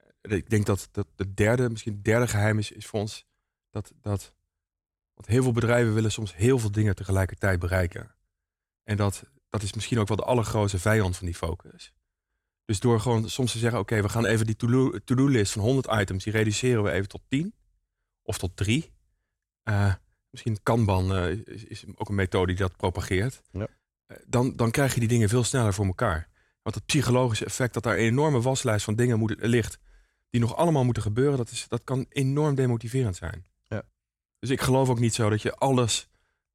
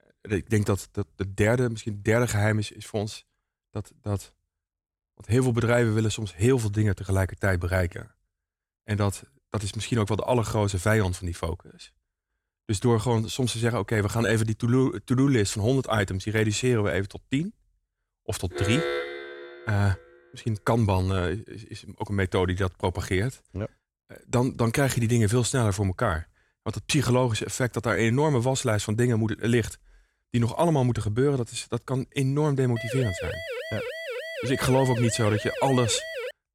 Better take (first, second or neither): first